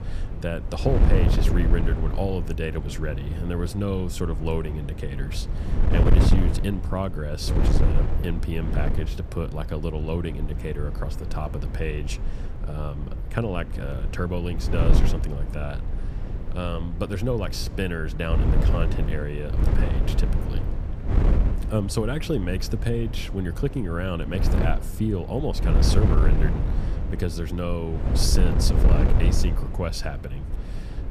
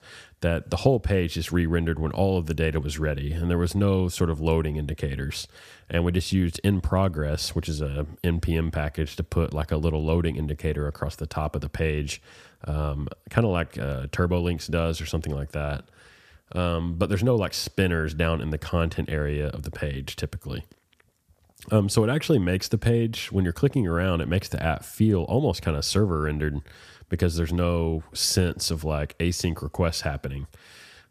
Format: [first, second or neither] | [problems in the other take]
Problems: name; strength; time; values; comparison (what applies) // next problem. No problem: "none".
second | wind noise on the microphone; heavy; 5 dB below the speech